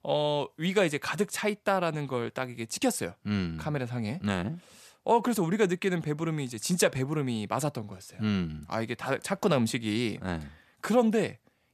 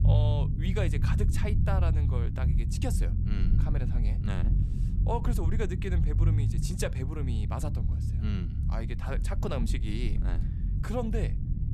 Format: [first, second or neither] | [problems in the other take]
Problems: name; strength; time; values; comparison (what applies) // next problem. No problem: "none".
first | low rumble; loud; throughout; 5 dB below the speech